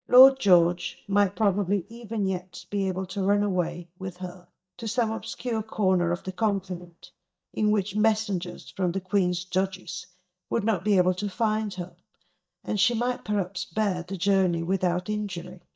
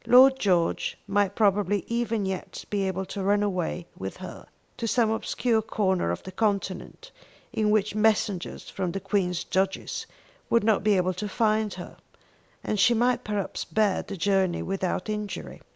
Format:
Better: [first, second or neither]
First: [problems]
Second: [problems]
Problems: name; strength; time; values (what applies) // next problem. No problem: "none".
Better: second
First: noise reduction (neural mask model DeepFilterNet 3)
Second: none